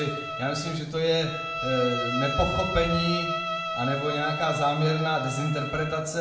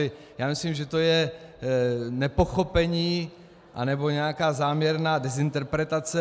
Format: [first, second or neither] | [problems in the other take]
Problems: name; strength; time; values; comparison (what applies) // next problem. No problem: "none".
second | background sound (Bowed string instrument); 5 dB below the speech // room echo; dies away in 0.8 s